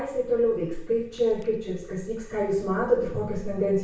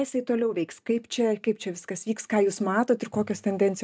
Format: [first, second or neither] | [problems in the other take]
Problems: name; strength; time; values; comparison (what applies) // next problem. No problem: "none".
second | background sound (Chewing, mastication); 13 dB below the speech // room echo; dies away in 0.6 s